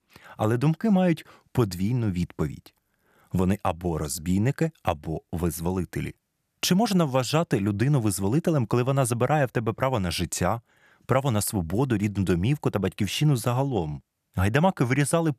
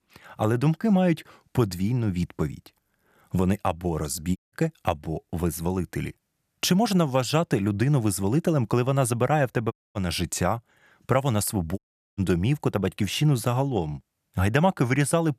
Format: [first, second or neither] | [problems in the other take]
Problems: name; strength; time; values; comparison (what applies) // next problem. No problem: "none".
first | audio cutting out; at 4.5 s, at 9.5 s and at 12 s